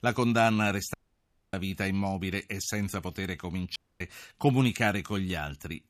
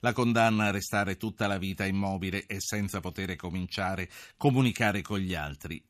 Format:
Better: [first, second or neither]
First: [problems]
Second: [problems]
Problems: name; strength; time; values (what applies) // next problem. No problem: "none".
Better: second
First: audio cutting out; at 1 s for 0.5 s and at 4 s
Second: none